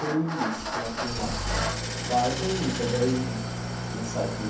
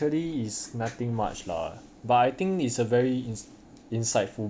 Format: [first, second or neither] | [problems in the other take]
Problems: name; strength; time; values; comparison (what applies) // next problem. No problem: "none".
second | background sound (Idling / Engine starting); 1 dB below the speech // room echo; dies away in 0.6 s